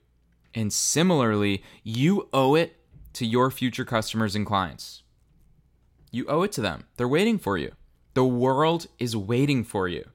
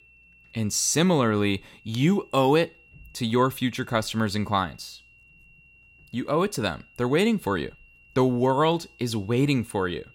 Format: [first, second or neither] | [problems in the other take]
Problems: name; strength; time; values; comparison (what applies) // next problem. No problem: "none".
first | high-pitched whine; faint; throughout; 2.5 kHz, 30 dB below the speech